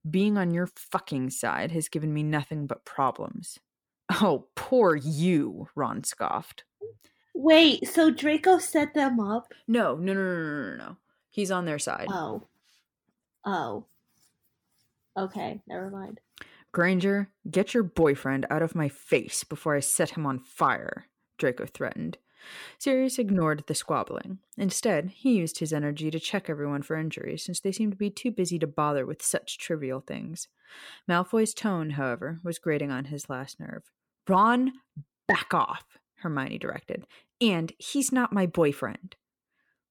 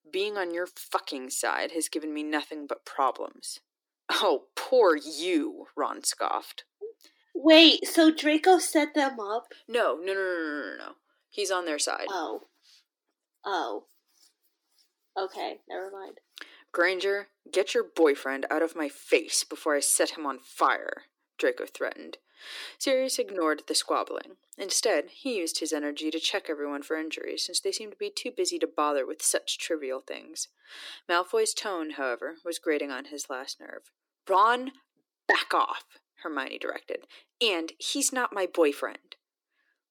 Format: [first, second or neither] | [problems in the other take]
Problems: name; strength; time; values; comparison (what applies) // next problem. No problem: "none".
first | thin; somewhat; fading below 300 Hz